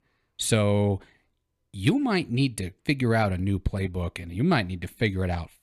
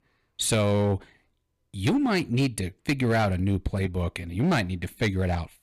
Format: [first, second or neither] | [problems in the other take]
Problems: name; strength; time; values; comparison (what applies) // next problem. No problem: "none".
first | distortion; slight; 8% of the sound clipped